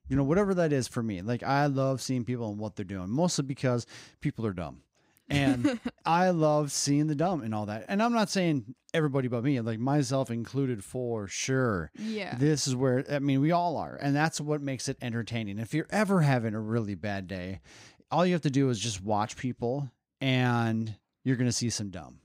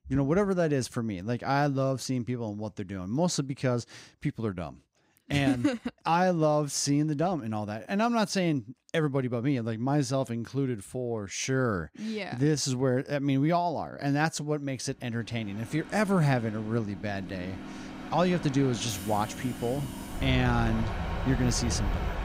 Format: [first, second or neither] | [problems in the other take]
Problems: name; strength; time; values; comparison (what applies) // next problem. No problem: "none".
first | train or aircraft noise; loud; from 15 s on; 8 dB below the speech